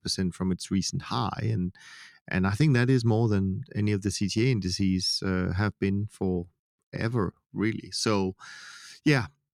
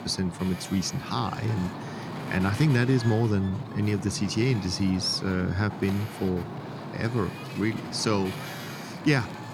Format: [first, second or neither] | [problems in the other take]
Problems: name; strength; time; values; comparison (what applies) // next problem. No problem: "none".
first | wind noise on the microphone; heavy; 8 dB below the speech